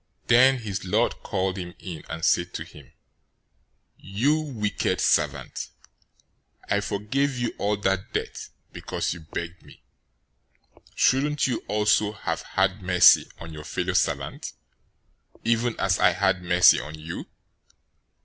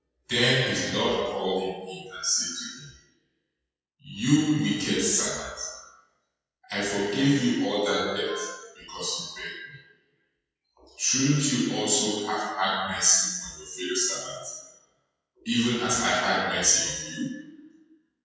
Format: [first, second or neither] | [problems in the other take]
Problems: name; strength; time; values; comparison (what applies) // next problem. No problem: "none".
first | noise reduction (classical method WPE with log-MMSE)